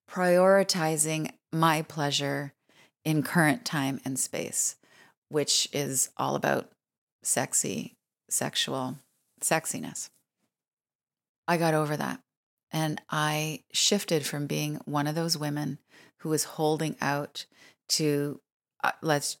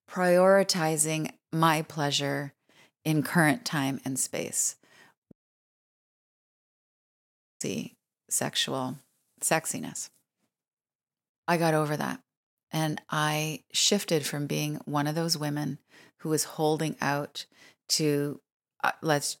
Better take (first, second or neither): first